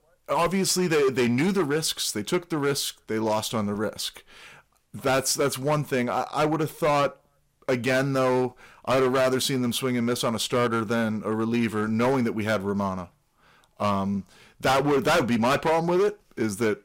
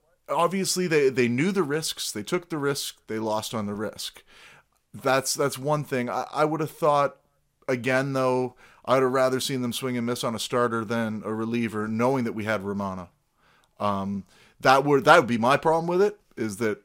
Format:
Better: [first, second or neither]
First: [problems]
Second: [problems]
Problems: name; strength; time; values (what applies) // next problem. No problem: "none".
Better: second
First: distortion; heavy; 10% of the sound clipped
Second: none